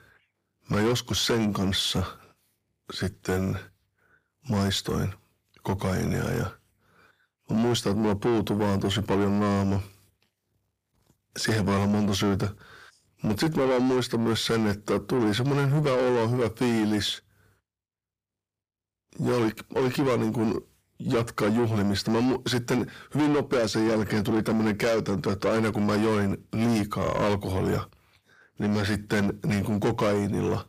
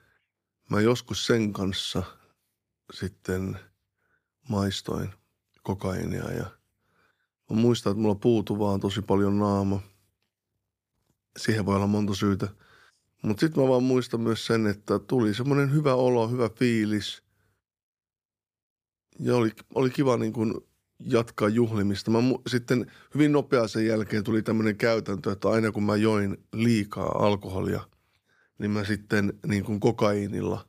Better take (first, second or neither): second